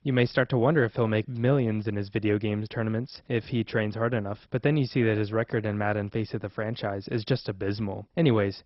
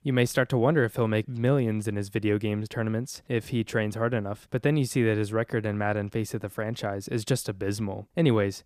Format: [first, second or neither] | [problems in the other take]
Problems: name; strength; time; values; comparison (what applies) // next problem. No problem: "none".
second | garbled, watery; badly; nothing above 5.5 kHz